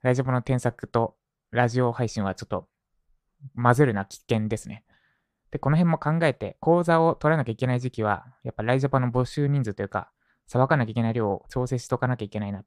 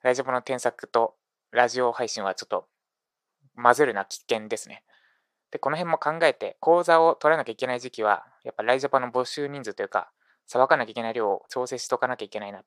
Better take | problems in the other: first | thin; very; fading below 550 Hz

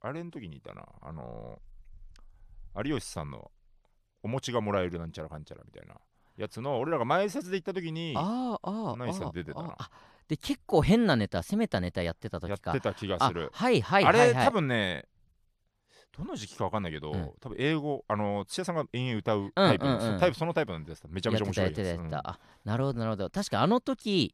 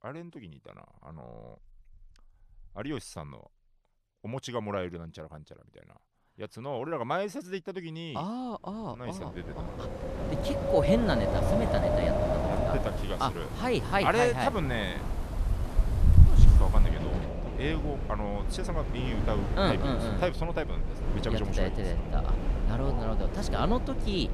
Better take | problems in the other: first | wind in the background; very loud; from 9 s on; 3 dB above the speech

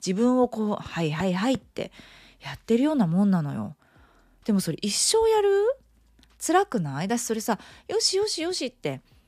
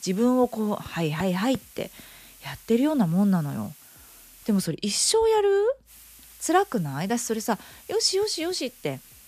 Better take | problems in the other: first | hiss; faint; until 4.5 s and from 6 s on; 25 dB below the speech

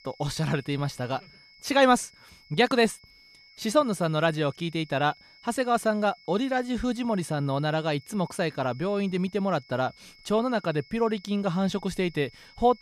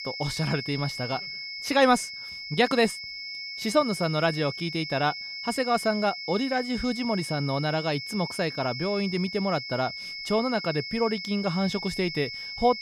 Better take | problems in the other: first | high-pitched whine; loud; throughout; 2 kHz, 7 dB below the speech; faint in the first

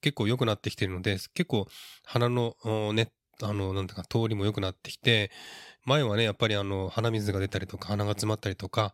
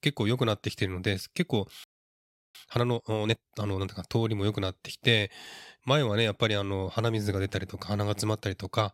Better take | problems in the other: first | audio freezing; at 2 s for 0.5 s

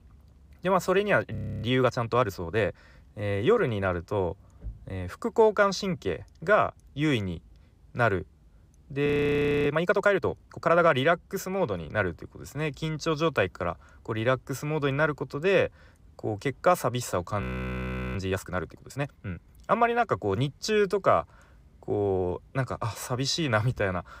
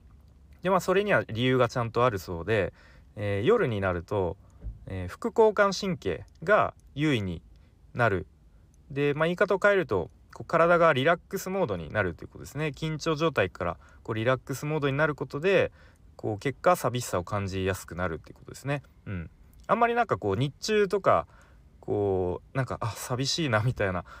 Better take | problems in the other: second | audio freezing; at 1.5 s, at 9 s for 0.5 s and at 17 s for 0.5 s

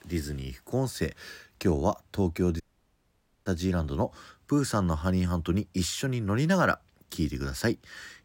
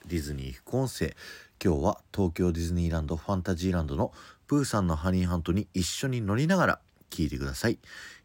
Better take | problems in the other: second | audio cutting out; at 2.5 s for 1 s

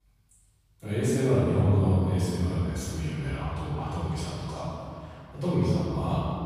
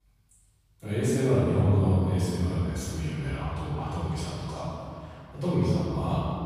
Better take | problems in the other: neither | off-mic speech; far; the same in both // room echo; strong; dies away in 2.8 s; the same in both

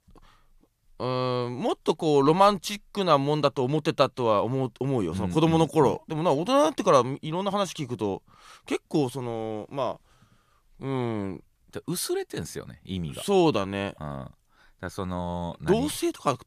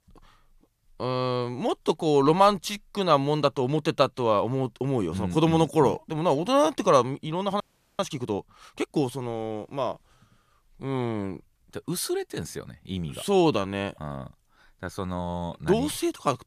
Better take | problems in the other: first | audio freezing; at 7.5 s

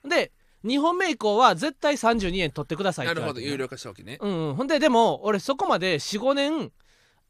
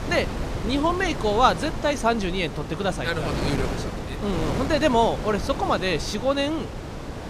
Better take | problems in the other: first | wind noise on the microphone; occasional gusts; 10 dB below the speech

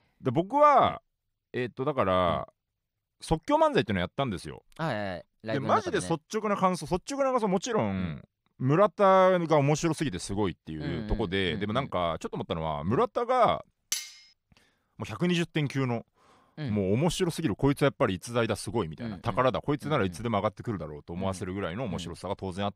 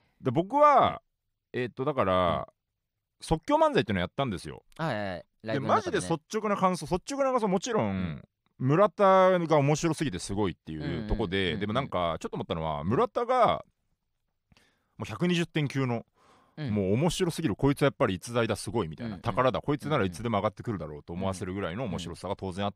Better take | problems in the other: second | clattering dishes; noticeable; at 14 s; peak 5 dB below the speech

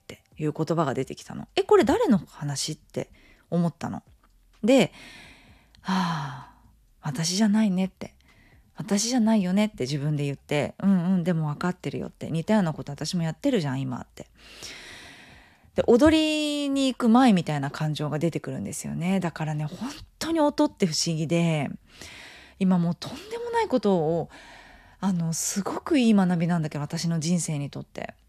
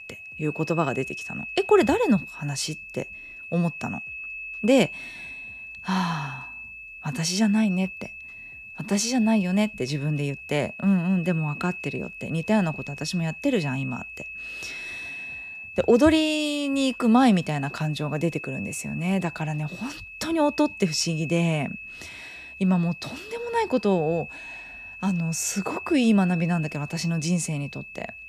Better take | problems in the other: first | high-pitched whine; noticeable; throughout; 2.5 kHz, 10 dB below the speech

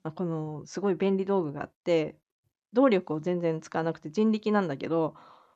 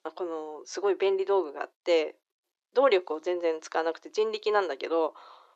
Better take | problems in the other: first | thin; very; fading below 350 Hz

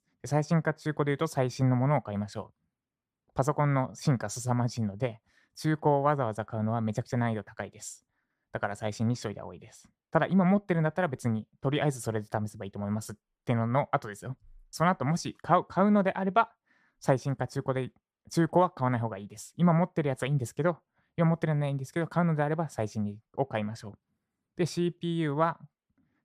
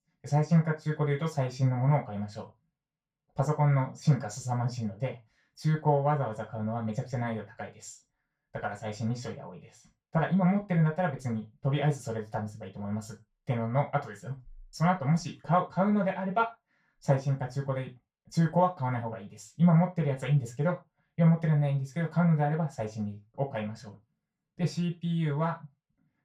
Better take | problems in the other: first | room echo; slight; dies away in 0.2 s // off-mic speech; far

